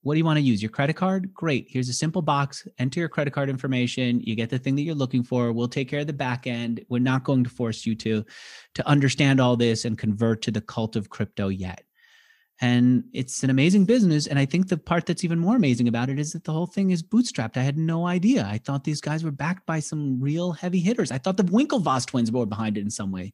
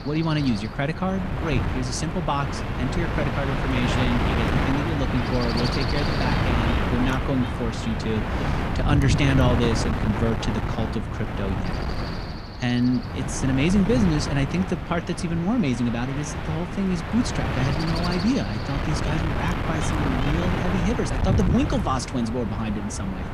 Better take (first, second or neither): first